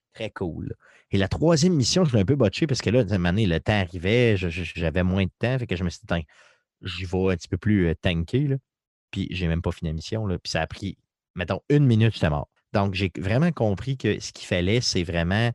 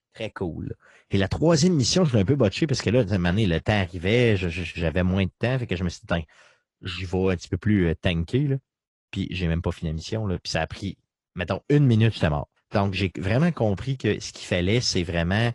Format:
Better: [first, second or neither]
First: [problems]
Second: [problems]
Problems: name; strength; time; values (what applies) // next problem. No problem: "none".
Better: first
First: none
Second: garbled, watery; slightly